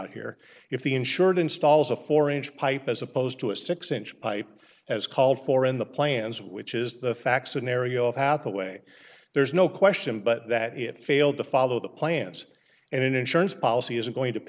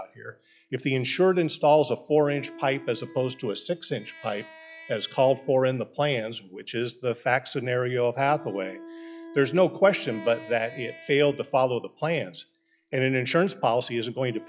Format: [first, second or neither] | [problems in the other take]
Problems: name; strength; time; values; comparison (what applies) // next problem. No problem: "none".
first | noise reduction (classical method log-MMSE)